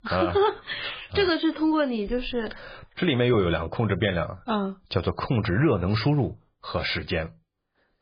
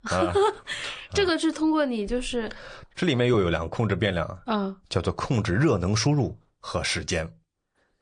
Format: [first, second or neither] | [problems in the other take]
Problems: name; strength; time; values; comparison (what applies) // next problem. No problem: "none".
second | garbled, watery; badly; slightly in the second